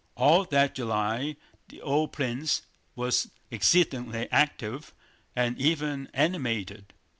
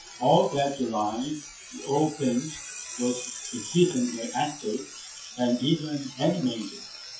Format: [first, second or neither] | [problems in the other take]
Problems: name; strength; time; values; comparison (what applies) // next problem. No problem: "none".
first | noise reduction (classical method WPE with log-MMSE)